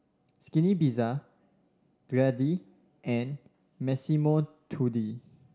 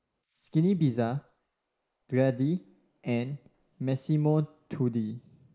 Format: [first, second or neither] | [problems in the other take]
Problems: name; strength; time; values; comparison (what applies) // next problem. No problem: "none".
first | noise reduction (neural mask model Resemble Enhance denoiser)